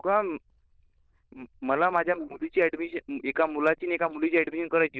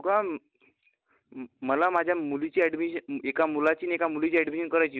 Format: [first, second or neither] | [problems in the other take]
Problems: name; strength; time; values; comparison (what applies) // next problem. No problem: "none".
second | noise reduction (neural diffusion model UNIVERSE++)